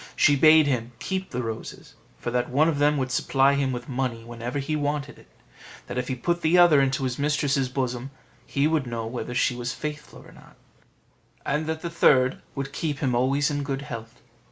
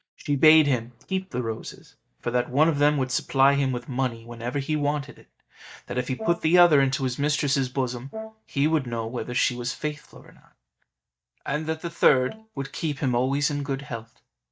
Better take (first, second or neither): first